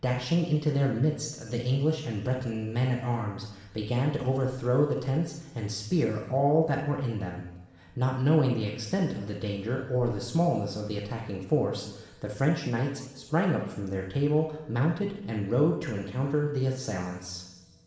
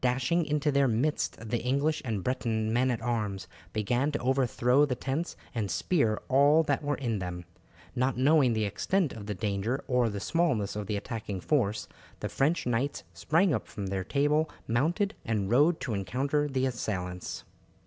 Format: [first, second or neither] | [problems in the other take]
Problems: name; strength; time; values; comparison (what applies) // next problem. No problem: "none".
second | room echo; dies away in 1.1 s